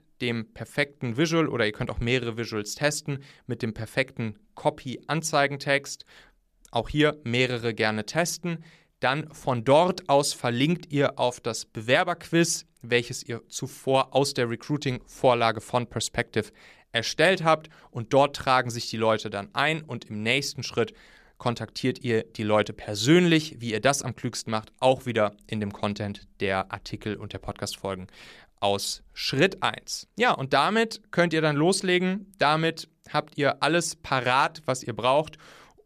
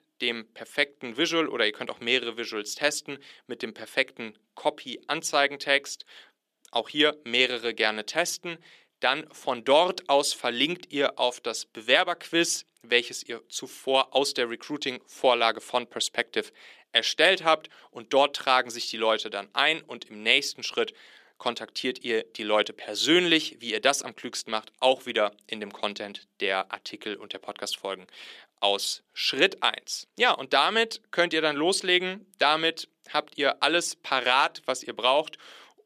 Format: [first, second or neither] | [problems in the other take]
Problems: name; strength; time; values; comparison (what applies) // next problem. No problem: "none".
first | thin; somewhat; fading below 300 Hz